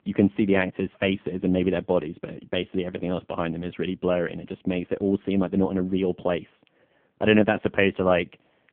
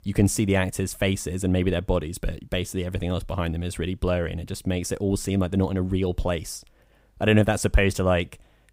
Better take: second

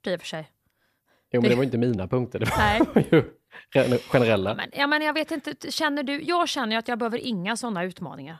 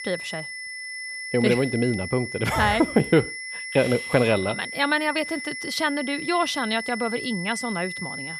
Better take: first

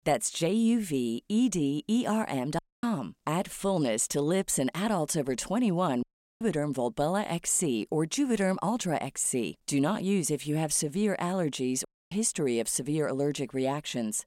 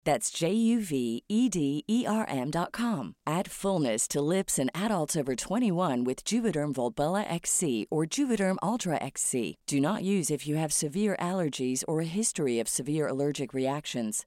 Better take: second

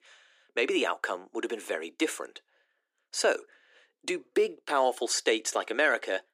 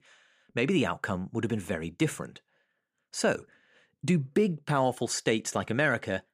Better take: second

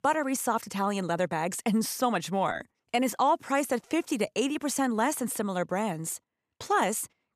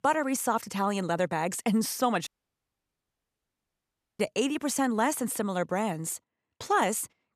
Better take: first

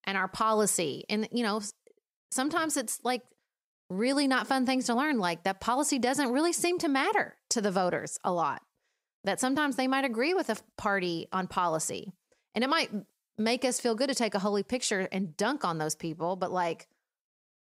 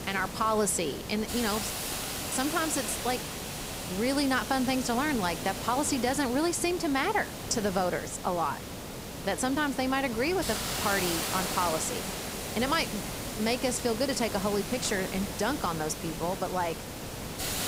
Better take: first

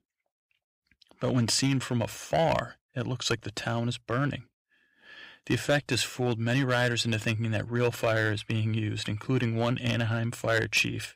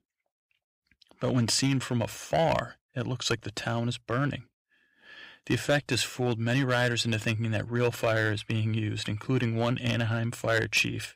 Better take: neither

